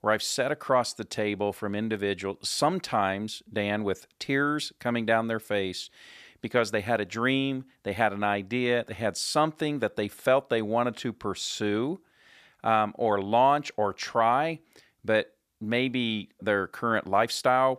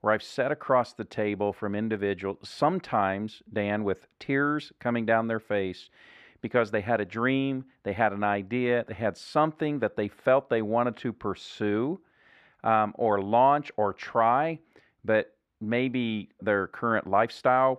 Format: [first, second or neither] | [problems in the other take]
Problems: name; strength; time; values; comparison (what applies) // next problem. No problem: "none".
first | muffled; slightly; fading above 4 kHz